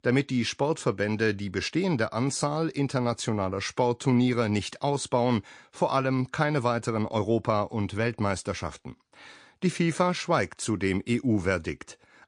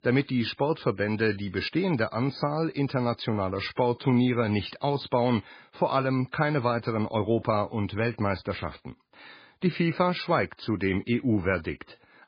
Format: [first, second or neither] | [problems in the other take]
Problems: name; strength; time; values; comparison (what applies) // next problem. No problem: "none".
first | garbled, watery; badly; slightly in the first